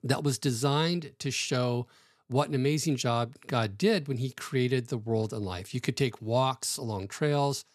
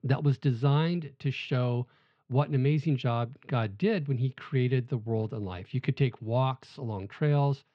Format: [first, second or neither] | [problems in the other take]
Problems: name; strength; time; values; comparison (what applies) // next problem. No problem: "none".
first | muffled; slightly; fading above 3 kHz